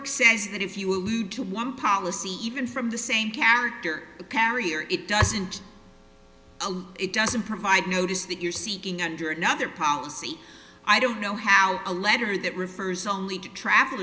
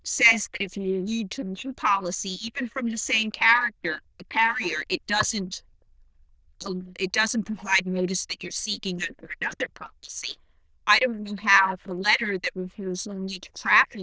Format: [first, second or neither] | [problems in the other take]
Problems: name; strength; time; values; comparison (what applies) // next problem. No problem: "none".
first | noise reduction (neural diffusion model UNIVERSE++)